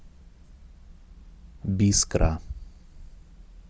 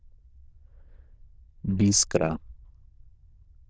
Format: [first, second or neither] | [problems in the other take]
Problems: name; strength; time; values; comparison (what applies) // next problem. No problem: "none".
first | noise reduction (neural diffusion model UNIVERSE++)